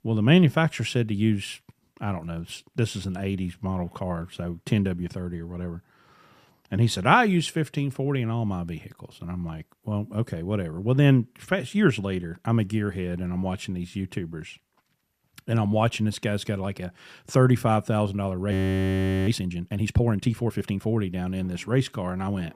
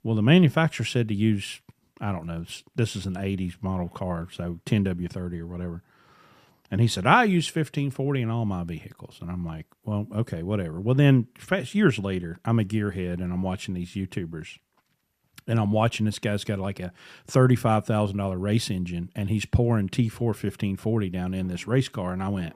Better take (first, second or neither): second